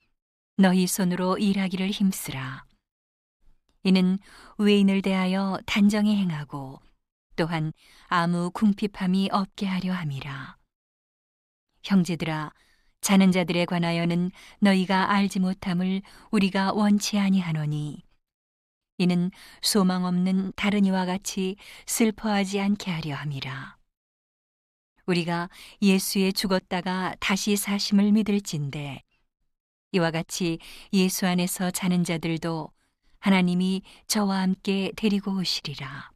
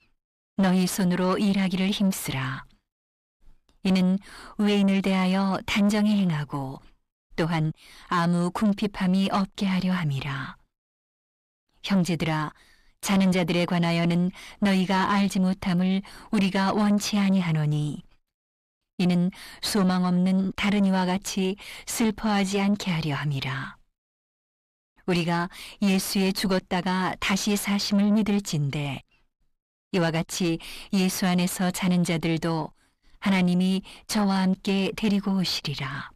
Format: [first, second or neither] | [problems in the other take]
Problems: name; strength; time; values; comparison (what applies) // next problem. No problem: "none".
first | distortion; slight; 10 dB below the speech